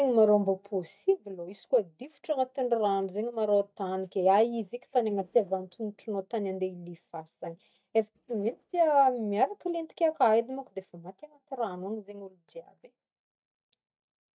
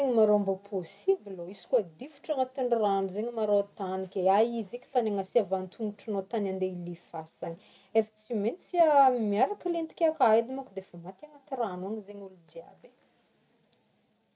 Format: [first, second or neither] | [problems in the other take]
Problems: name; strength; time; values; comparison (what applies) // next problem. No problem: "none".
second | noise reduction (neural mask model DeepFilterNet 3)